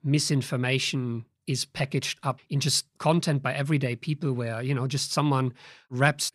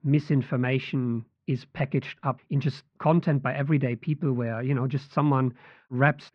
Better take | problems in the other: first | muffled; very; fading above 2 kHz

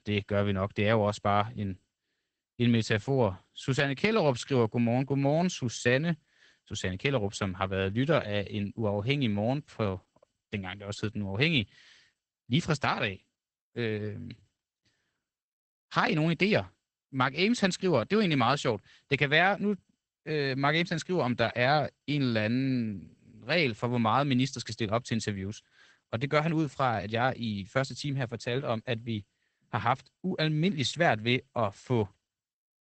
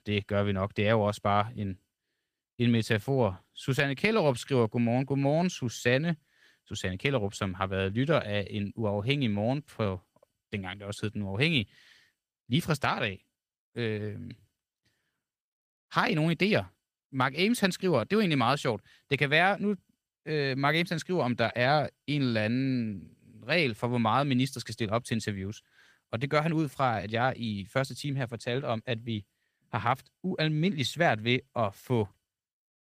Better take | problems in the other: second | garbled, watery; badly; nothing above 8 kHz; slightly in the second

